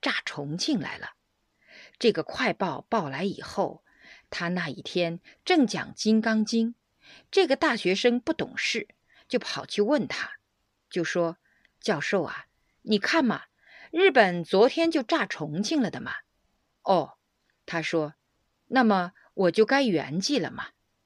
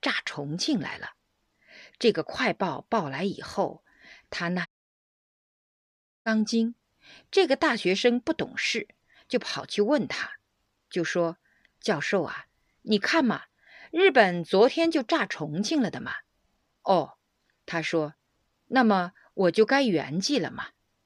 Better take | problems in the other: first | audio cutting out; at 4.5 s for 1.5 s

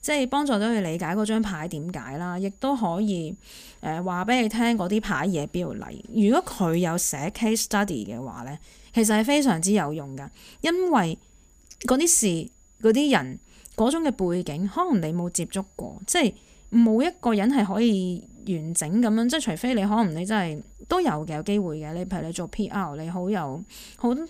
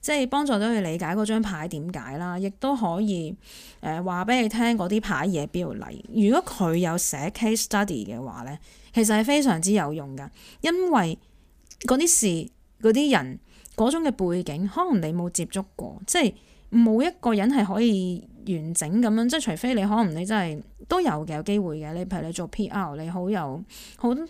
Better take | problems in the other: second | high-pitched whine; faint; throughout; 7 kHz, 35 dB below the speech

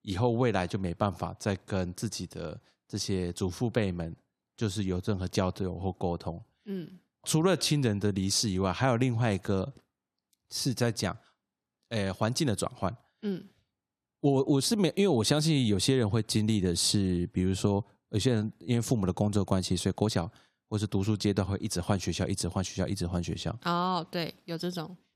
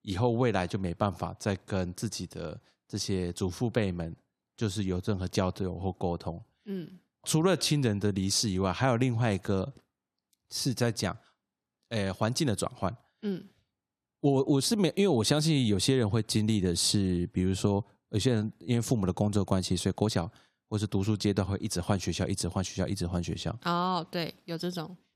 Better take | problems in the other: neither | none

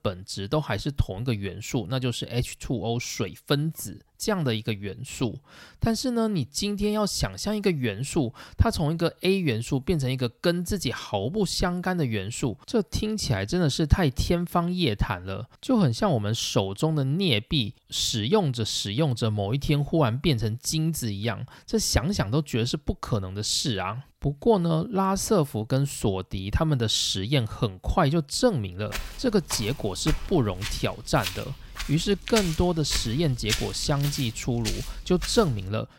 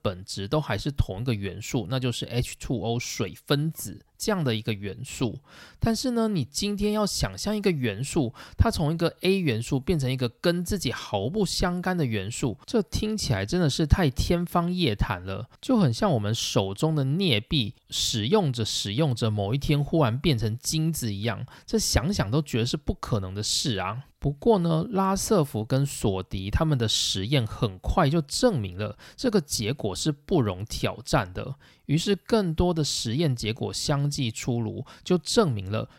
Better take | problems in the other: second | footsteps; noticeable; from 29 s on; peak 3 dB below the speech

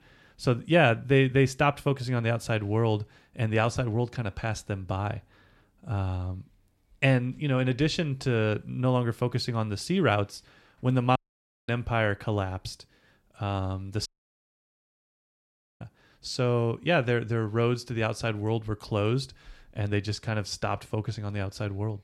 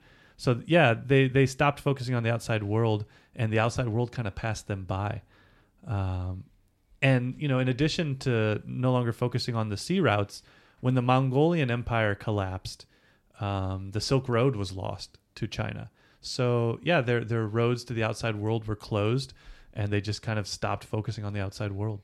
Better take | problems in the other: second | audio cutting out; at 11 s for 0.5 s and at 14 s for 1.5 s

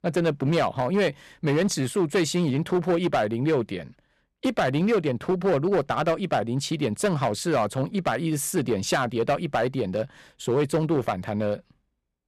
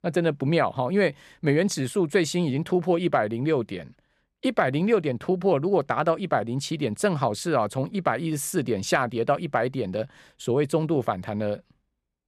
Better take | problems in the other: second | distortion; slight; 8% of the sound clipped

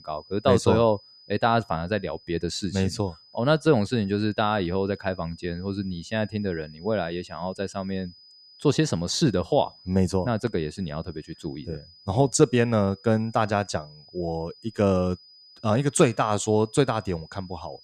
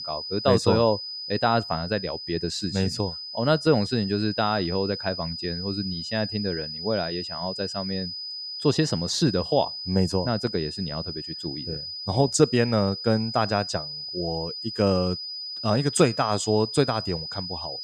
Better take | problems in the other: first | high-pitched whine; loud; throughout; 5 kHz, 7 dB below the speech; faint in the first

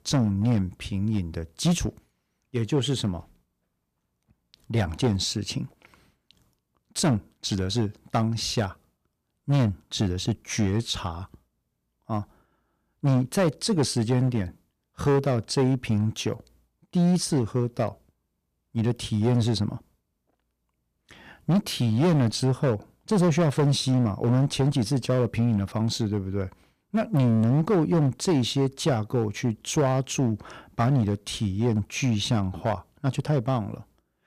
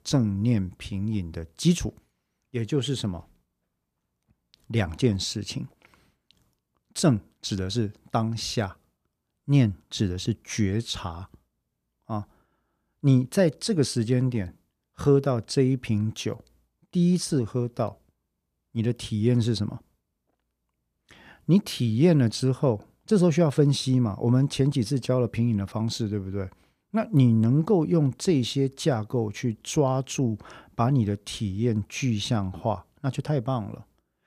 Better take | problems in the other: second | distortion; slight; 7% of the sound clipped

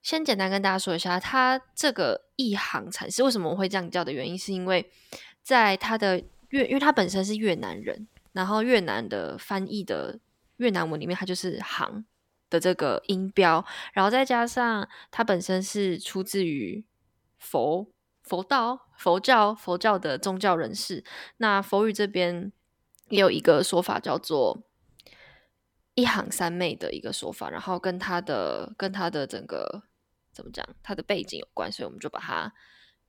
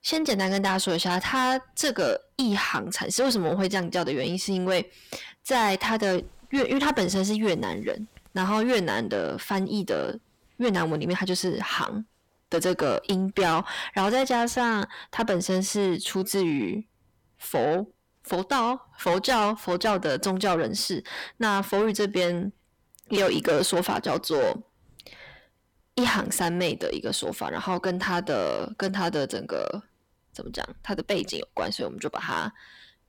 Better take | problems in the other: first | distortion; heavy; 7 dB below the speech

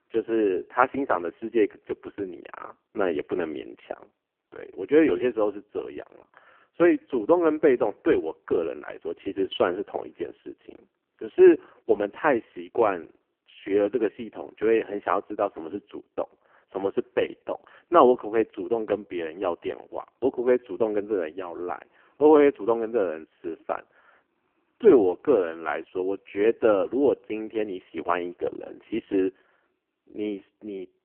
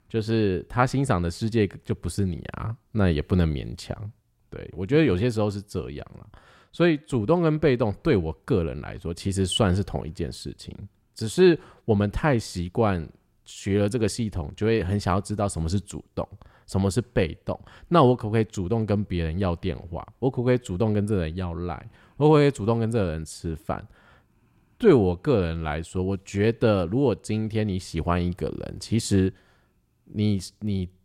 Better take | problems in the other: second | phone-call audio; poor line; nothing above 3 kHz

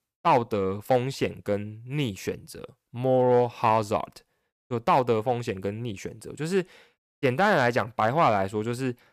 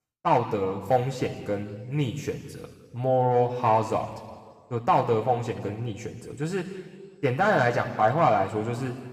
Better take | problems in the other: first | room echo; noticeable; dies away in 1.5 s // off-mic speech; somewhat distant

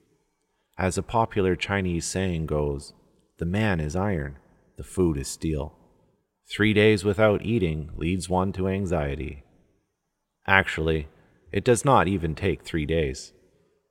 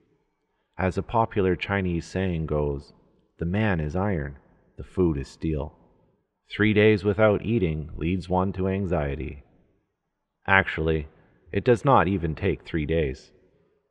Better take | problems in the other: first | muffled; slightly; fading above 3 kHz

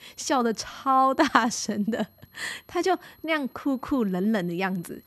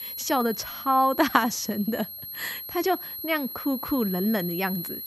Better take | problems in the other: first | high-pitched whine; loud; throughout; 11.5 kHz, 8 dB below the speech; faint in the first

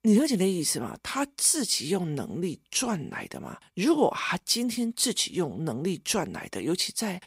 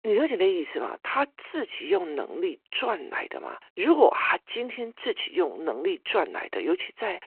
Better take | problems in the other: first | phone-call audio

